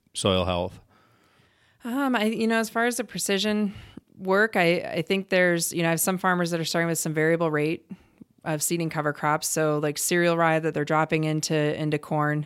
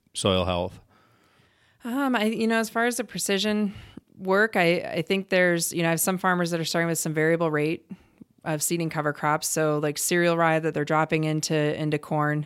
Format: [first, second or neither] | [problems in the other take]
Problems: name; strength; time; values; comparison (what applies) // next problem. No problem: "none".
neither | none